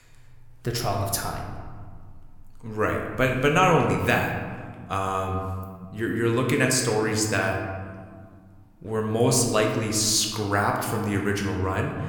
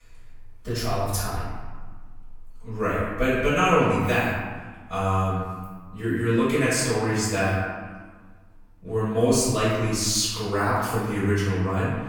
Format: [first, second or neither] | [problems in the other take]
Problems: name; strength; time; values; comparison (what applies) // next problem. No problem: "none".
first | room echo; strong; dies away in 1.3 s; slight in the first // off-mic speech; far